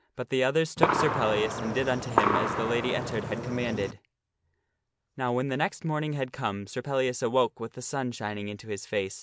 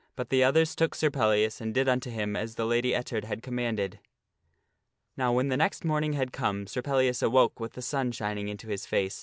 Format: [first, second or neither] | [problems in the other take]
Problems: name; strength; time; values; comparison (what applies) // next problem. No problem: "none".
second | background sound (Gunshot, gunfire); 1 dB above the speech